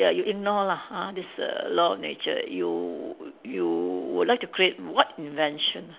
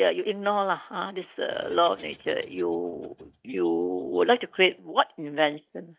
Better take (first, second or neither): first